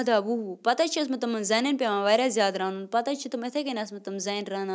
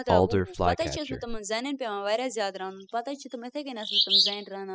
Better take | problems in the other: first | noise reduction (classical method spectral subtraction)

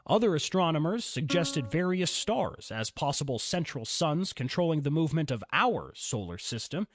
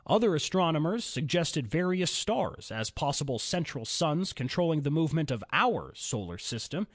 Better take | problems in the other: second | noise reduction (neural mask model RNNoise)

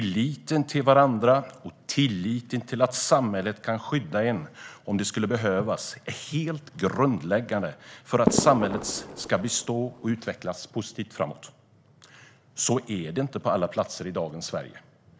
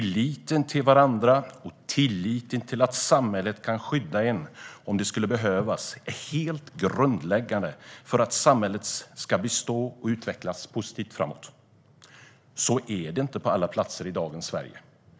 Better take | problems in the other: second | background sound (Fireworks); 4 dB below the speech

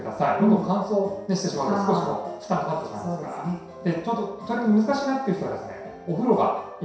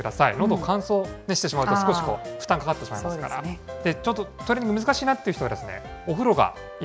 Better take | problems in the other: second | room echo; dies away in 0.7 s

